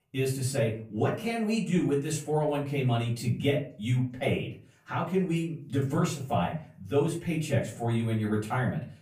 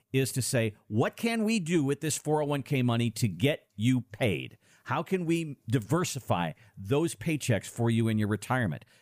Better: second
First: off-mic speech; far // room echo; slight; dies away in 0.4 s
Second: none

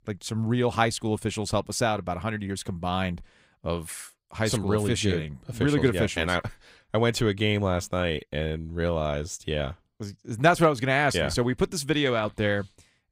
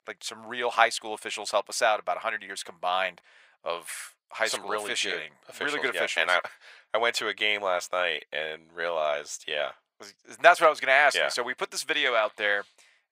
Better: first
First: none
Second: thin; very; fading below 700 Hz

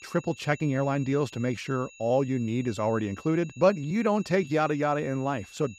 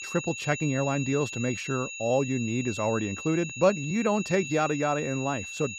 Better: first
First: high-pitched whine; faint; throughout; 2.5 kHz, 20 dB below the speech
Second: high-pitched whine; loud; throughout; 2.5 kHz, 8 dB below the speech

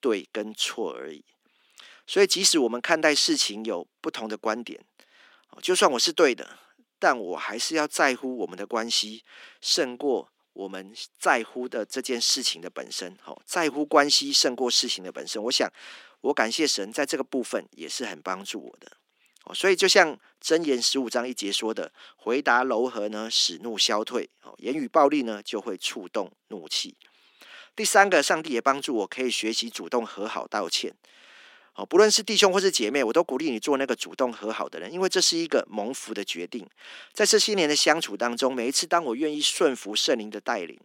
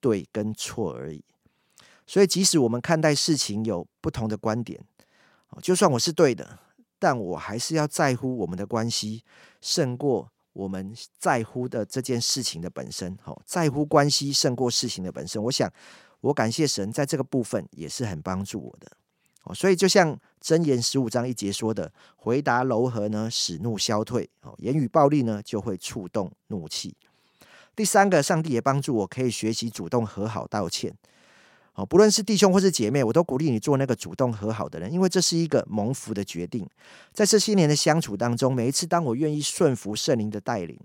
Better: second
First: thin; somewhat; fading below 250 Hz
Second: none

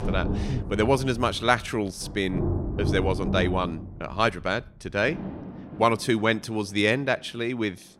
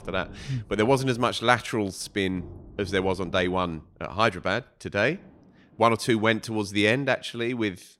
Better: second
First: rain or running water; loud; throughout; 6 dB below the speech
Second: rain or running water; faint; throughout; 25 dB below the speech

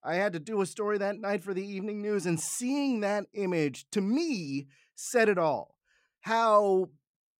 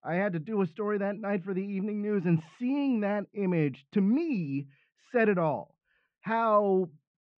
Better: first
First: none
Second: muffled; very; fading above 3 kHz

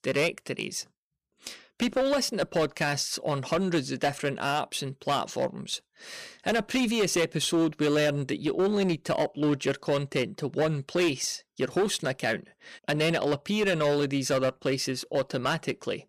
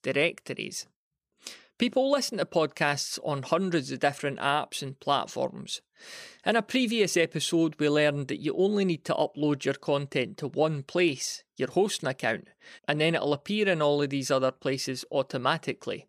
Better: second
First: distortion; slight; 9% of the sound clipped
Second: none

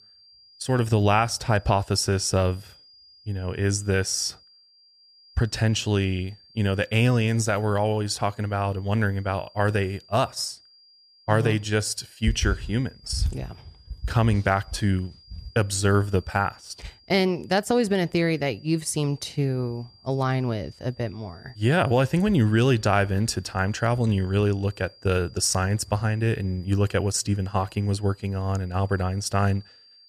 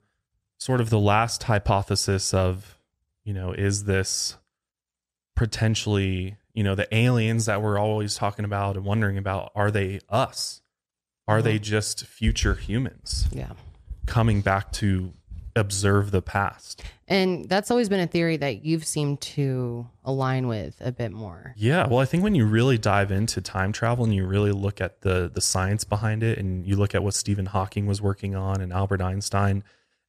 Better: second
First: high-pitched whine; faint; throughout; 5 kHz, 25 dB below the speech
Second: none

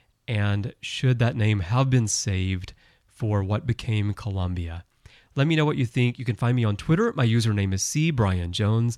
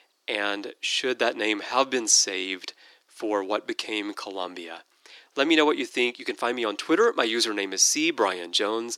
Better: first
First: none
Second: thin; very; fading below 300 Hz

